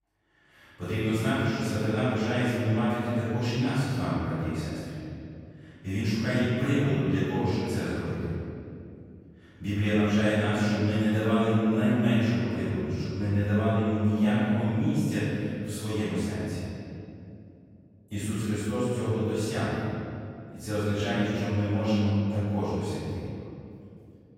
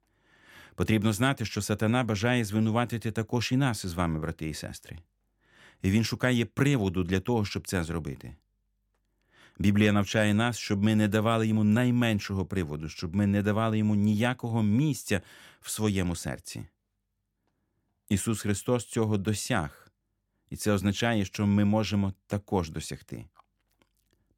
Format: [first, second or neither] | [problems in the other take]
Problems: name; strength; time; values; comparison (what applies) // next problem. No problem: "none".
second | off-mic speech; far // room echo; strong; dies away in 2.6 s